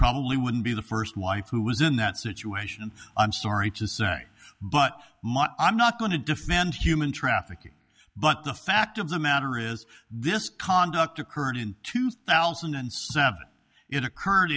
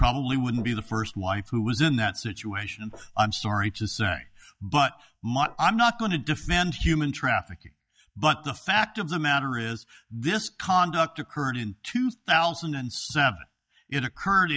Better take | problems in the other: first | noise reduction (neural mask model DeepFilterNet 3)

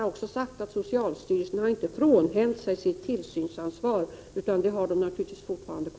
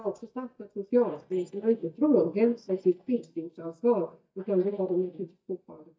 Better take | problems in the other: first | noise reduction (neural mask model DeepFilterNet 3)

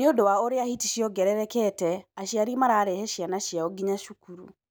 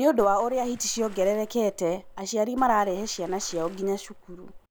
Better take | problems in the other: first | background sound (Water / Splash, splatter); 15 dB below the speech

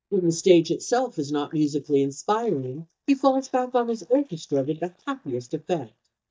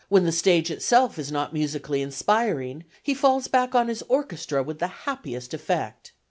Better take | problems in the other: second | noise reduction (neural mask model DeepFilterNet 3)

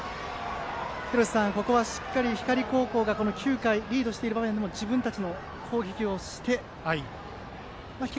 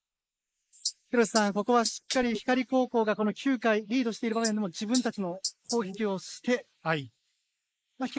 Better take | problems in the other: first | noise reduction (neural mask model Resemble Enhance denoiser)

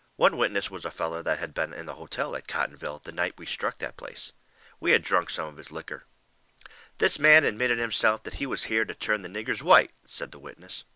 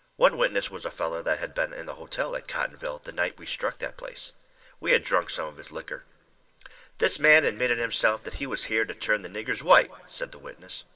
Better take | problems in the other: first | room echo; dies away in 0.3 s

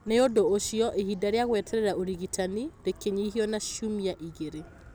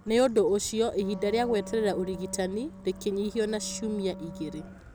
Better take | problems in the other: first | background sound (Wind instrument, woodwind instrument); 15 dB below the speech

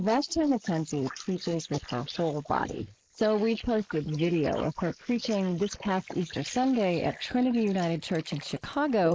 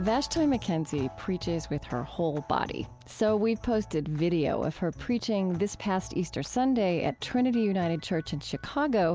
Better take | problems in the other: second | noise reduction (neural mask model Resemble Enhance denoiser)

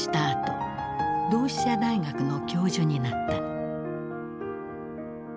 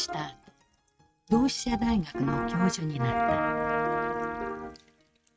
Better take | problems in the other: first | noise reduction (neural mask model RNNoise)

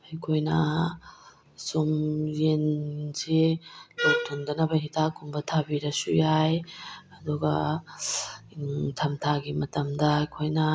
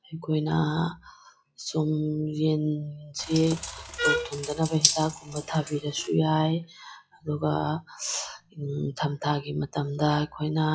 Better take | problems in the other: first | noise reduction (classical method log-MMSE)

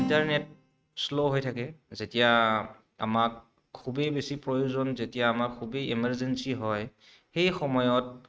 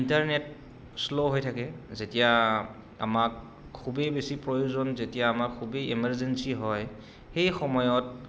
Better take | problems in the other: second | noise reduction (neural mask model RNNoise)

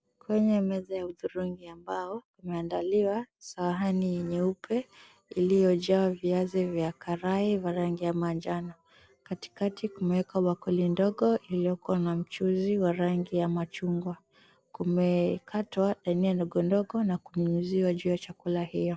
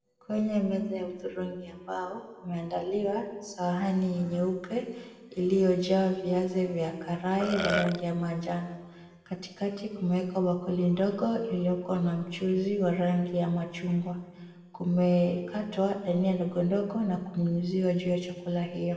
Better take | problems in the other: first | background sound (Burping, eructation); 3 dB below the speech // room echo; dies away in 1.2 s

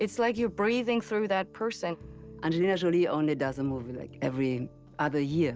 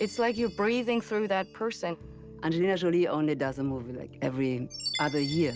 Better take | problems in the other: first | background sound (Chime); 15 dB below the speech

